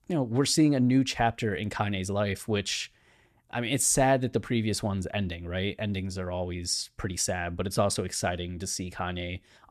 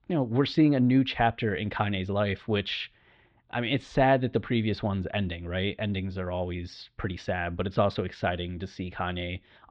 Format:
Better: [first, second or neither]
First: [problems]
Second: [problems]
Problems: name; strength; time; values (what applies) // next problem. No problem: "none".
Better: first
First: none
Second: muffled; very; fading above 3.5 kHz